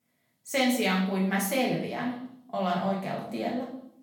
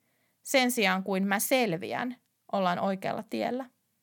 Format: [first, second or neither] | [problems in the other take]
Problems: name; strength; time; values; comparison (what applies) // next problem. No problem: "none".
second | room echo; noticeable; dies away in 0.6 s // off-mic speech; far